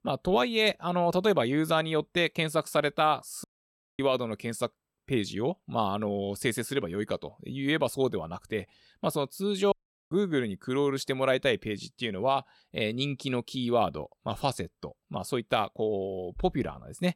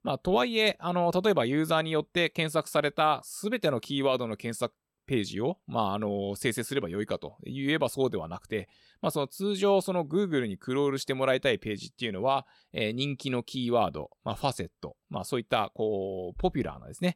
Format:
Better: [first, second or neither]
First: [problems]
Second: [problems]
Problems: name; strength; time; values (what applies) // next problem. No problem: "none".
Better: second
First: audio cutting out; at 3.5 s for 0.5 s and at 9.5 s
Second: none